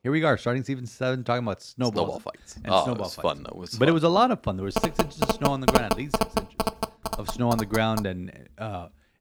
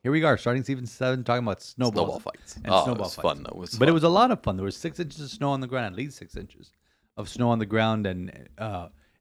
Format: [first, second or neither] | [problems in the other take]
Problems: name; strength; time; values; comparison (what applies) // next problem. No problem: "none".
second | phone ringing; loud; from 5 to 8 s; peak 4 dB above the speech